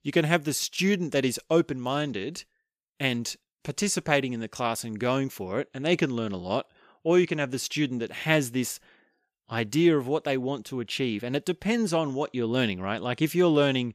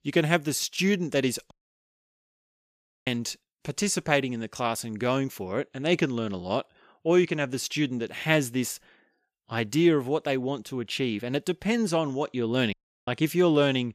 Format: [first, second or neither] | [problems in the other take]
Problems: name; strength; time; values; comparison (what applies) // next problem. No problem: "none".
first | audio cutting out; at 1.5 s for 1.5 s and at 13 s